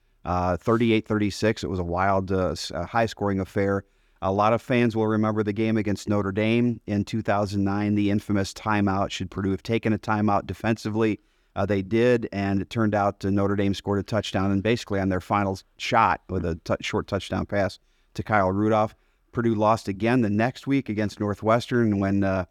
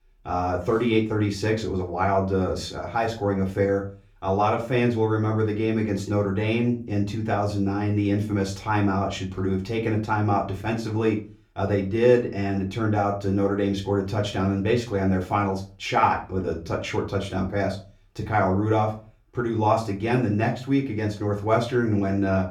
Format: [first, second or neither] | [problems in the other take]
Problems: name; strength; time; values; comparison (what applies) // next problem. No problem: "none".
first | off-mic speech; far // room echo; very slight; dies away in 0.3 s